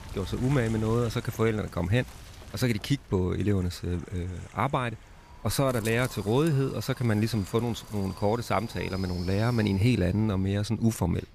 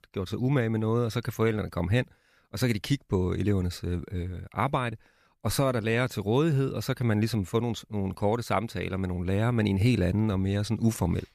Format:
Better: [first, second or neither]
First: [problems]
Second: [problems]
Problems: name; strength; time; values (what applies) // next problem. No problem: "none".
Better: second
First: wind noise on the microphone; occasional gusts; 15 dB below the speech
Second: none